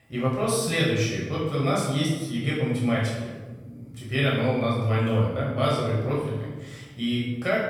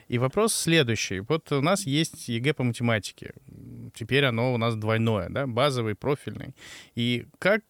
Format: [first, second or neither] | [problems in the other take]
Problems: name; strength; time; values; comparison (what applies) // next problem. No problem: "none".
second | off-mic speech; far // room echo; noticeable; dies away in 1.1 s